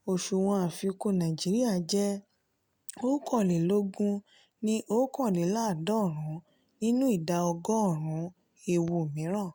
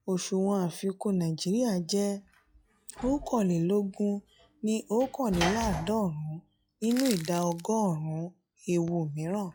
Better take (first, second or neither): first